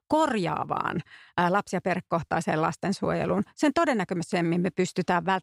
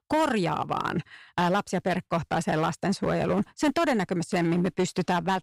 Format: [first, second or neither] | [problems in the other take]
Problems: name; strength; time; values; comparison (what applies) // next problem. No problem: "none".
first | distortion; slight; 8% of the sound clipped